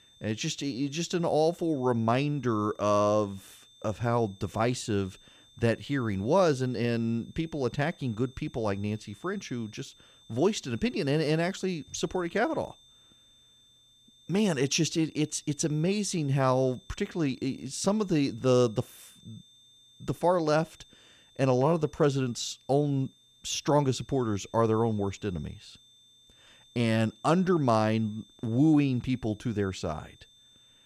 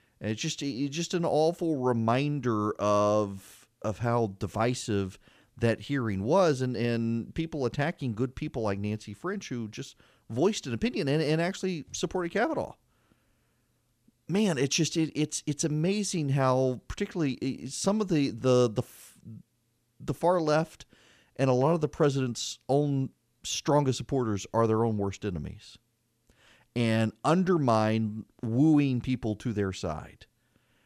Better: second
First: high-pitched whine; faint; throughout; 3.5 kHz, 30 dB below the speech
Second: none

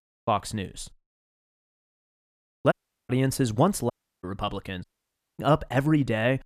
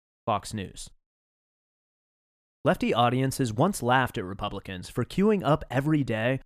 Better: second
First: audio cutting out; at 2.5 s, at 4 s and at 5 s for 0.5 s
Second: none

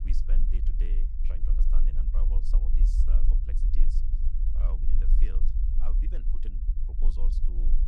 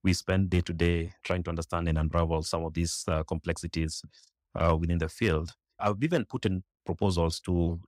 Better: second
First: low rumble; loud; throughout; as loud as the speech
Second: none

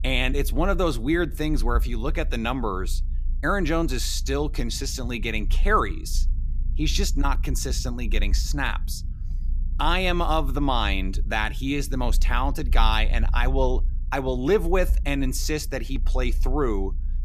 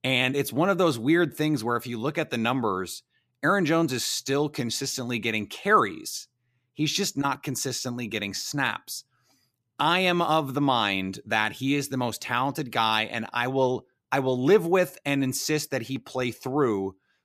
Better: second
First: low rumble; faint; throughout; 25 dB below the speech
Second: none

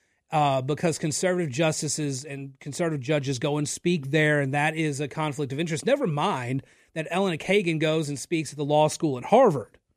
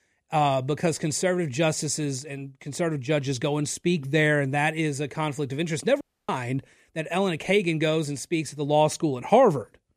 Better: first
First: none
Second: audio cutting out; at 6 s

